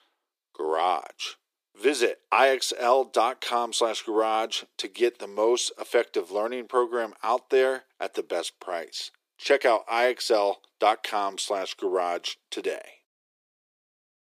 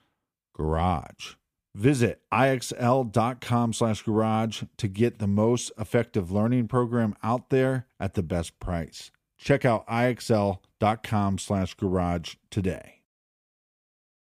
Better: second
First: thin; very; fading below 350 Hz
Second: none

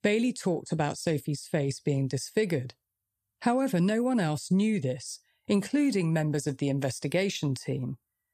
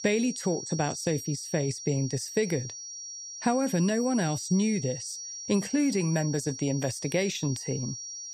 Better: first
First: none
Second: high-pitched whine; loud; throughout; 5.5 kHz, 8 dB below the speech

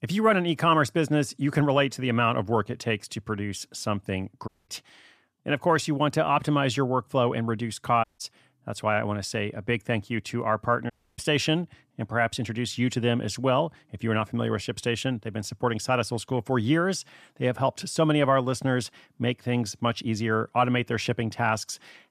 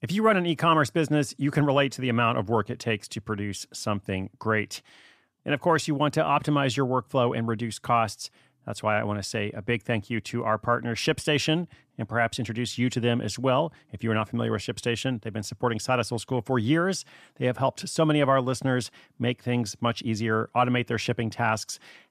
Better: second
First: audio cutting out; at 4.5 s, at 8 s and at 11 s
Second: none

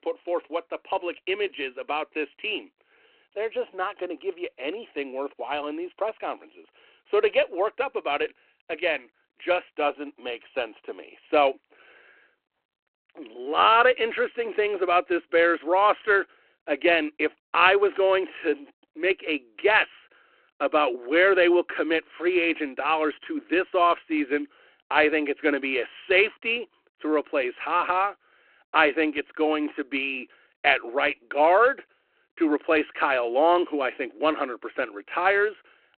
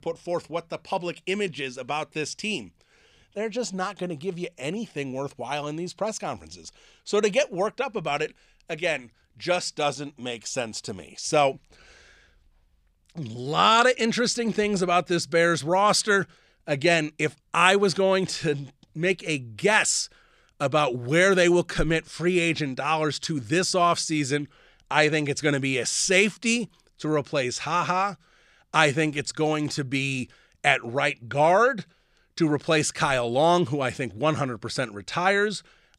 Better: second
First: phone-call audio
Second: none

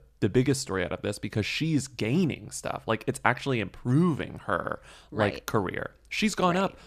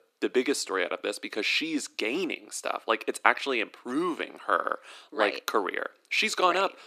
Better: first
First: none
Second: thin; somewhat; fading below 300 Hz

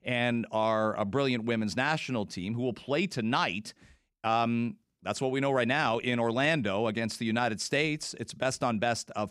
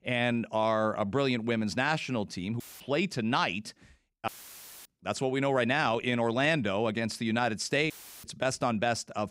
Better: first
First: none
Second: audio cutting out; filled with static; at 2.5 s, at 4.5 s for 0.5 s and at 8 s

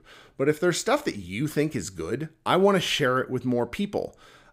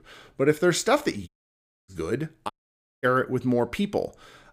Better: first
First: none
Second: audio cutting out; at 1.5 s for 0.5 s and at 2.5 s for 0.5 s

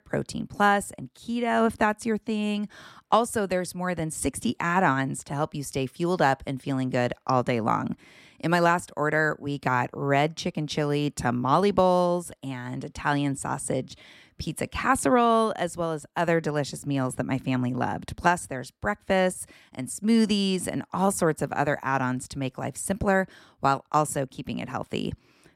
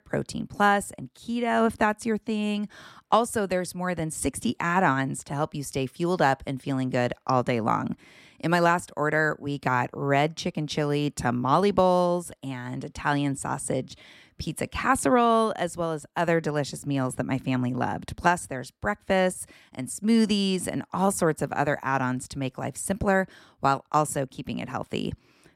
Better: neither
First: none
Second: none

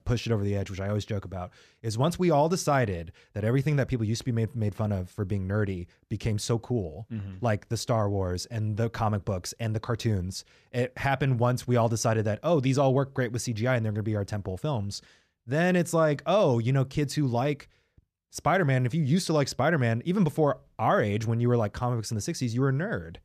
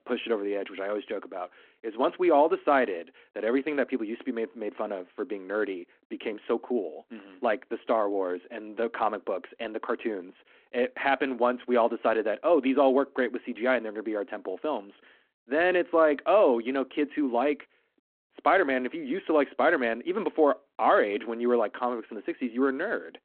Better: first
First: none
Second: phone-call audio

